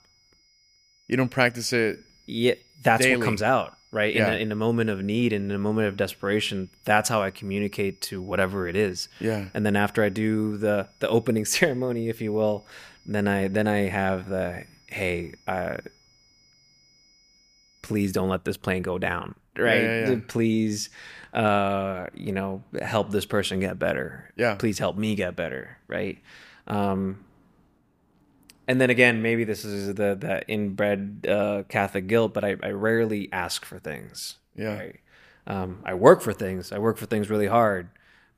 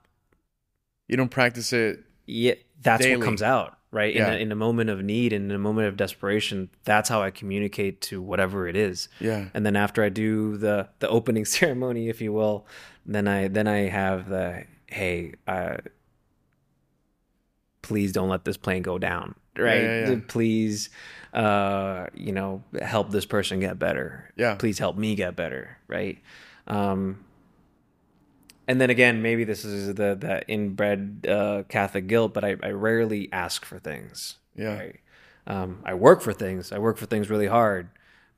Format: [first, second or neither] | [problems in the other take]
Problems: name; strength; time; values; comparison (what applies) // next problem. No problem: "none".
second | high-pitched whine; faint; until 18 s; 5 kHz, 30 dB below the speech